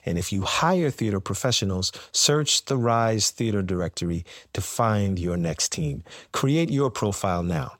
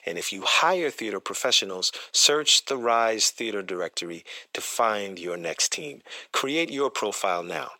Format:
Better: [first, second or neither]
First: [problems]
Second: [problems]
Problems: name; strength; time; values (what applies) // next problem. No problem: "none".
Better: first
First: none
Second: thin; very; fading below 350 Hz